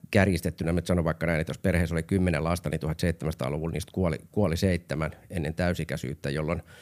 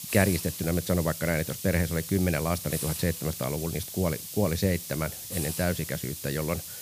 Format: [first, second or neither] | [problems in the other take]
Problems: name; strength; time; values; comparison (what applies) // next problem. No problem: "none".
first | hiss; loud; throughout; 6 dB below the speech